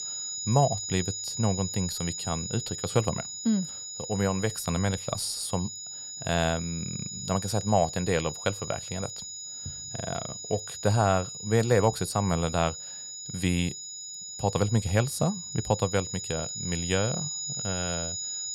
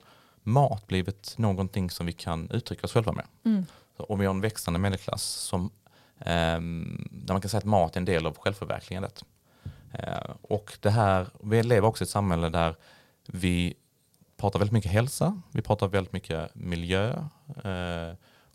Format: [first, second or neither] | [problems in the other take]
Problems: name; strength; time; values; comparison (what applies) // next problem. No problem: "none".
second | high-pitched whine; loud; throughout; 7 kHz, 6 dB below the speech